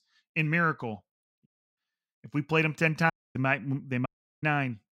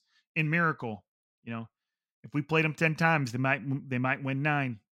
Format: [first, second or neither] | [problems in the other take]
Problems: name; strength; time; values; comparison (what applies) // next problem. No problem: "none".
second | audio cutting out; at 1.5 s, at 3 s and at 4 s